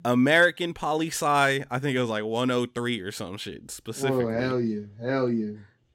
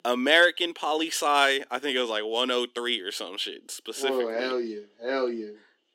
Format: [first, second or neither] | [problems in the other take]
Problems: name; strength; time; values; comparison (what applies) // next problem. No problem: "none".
first | thin; somewhat; fading below 300 Hz